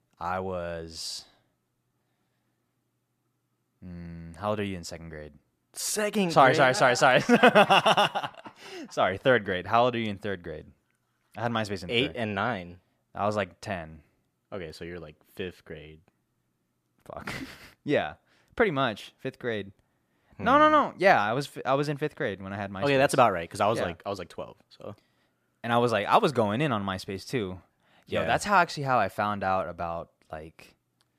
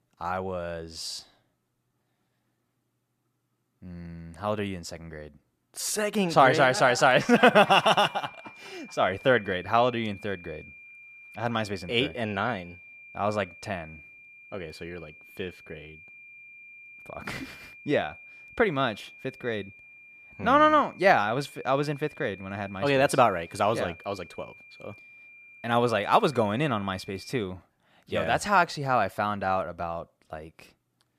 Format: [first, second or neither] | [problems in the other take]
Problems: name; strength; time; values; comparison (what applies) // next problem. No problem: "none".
first | high-pitched whine; faint; from 7 to 27 s; 2.5 kHz, 20 dB below the speech